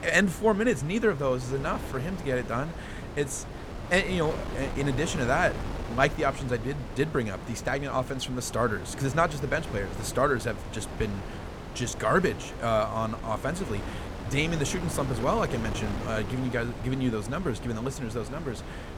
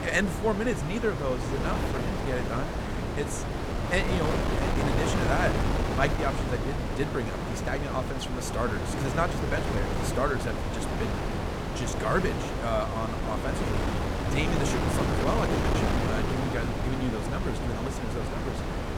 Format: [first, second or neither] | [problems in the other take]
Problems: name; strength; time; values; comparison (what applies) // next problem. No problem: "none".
first | wind noise on the microphone; heavy; as loud as the speech; occasional gusts in the first